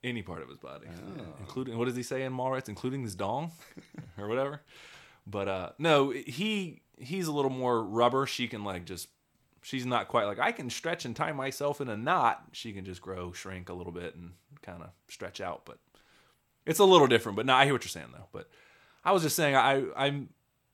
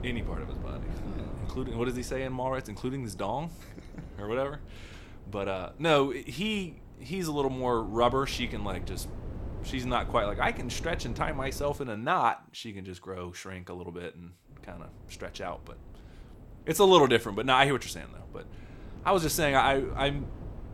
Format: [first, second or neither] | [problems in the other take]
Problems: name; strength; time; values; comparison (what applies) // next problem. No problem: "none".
first | wind noise on the microphone; occasional gusts; until 12 s and from 15 s on; 25 dB below the speech